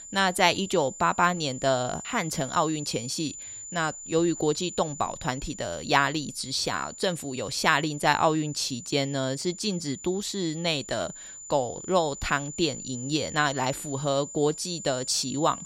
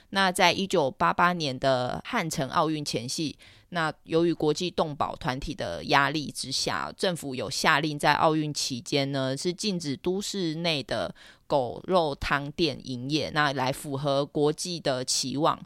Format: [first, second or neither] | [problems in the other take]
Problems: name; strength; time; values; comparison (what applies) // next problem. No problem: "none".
second | high-pitched whine; noticeable; throughout; 7 kHz, 10 dB below the speech